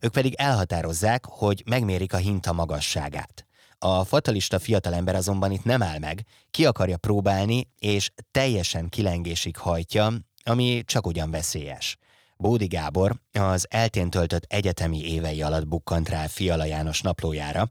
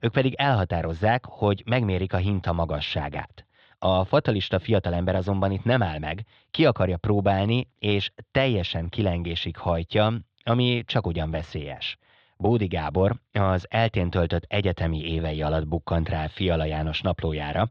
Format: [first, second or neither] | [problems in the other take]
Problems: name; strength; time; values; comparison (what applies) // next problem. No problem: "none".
first | muffled; very; fading above 3.5 kHz